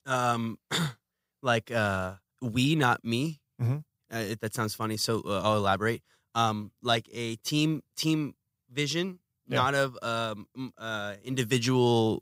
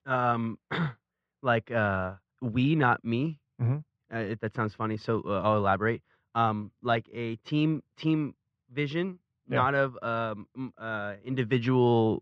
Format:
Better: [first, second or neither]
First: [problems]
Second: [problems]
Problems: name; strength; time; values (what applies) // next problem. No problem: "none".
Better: first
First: none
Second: muffled; very; fading above 2.5 kHz